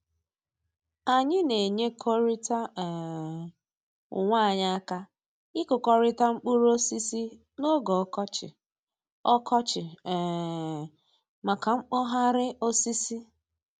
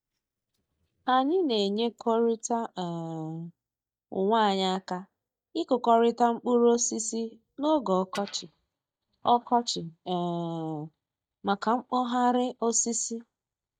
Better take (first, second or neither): first